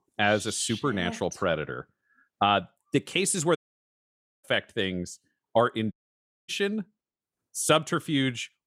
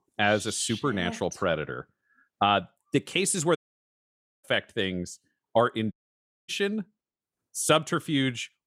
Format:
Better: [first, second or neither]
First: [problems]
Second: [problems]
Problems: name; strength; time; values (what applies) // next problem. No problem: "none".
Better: neither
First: audio cutting out; at 3.5 s for 1 s and at 6 s for 0.5 s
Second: audio cutting out; at 3.5 s for 1 s and at 6 s for 0.5 s